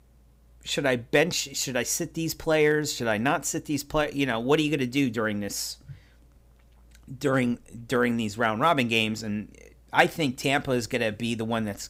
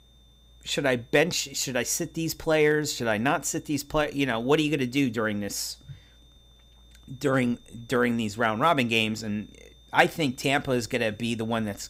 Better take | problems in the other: first | high-pitched whine; faint; throughout; 3.5 kHz, 30 dB below the speech

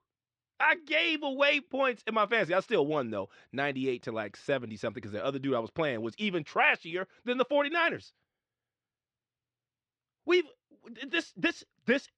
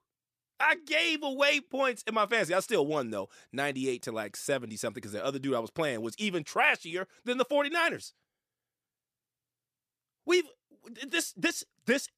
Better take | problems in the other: second | muffled; slightly; fading above 4 kHz

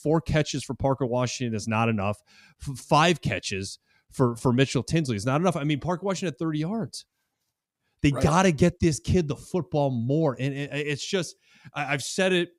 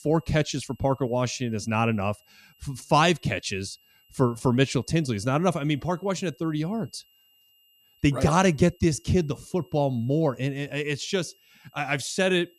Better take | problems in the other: first | high-pitched whine; faint; throughout; 3 kHz, 35 dB below the speech

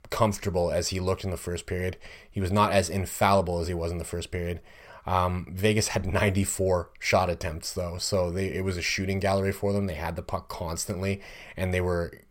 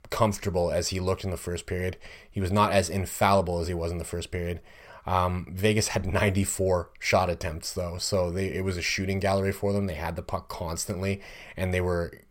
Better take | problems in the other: neither | none

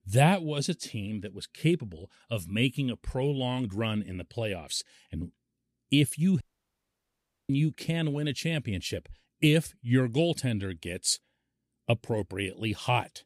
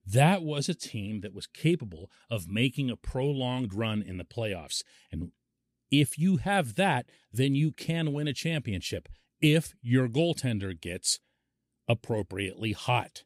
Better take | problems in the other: second | audio cutting out; at 6.5 s for 1 s

